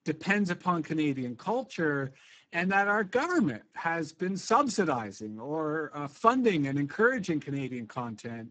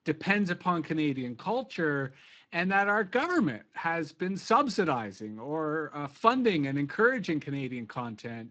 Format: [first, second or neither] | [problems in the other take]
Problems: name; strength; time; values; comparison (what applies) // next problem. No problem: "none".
second | garbled, watery; badly; nothing above 8 kHz; slightly in the second